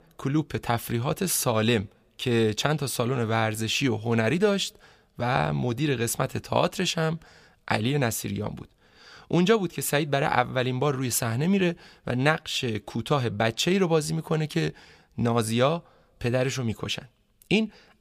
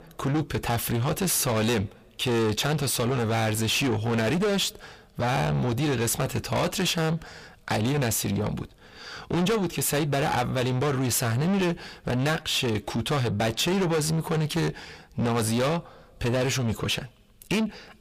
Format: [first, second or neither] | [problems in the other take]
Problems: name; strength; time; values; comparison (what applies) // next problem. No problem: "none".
first | distortion; heavy; 6 dB below the speech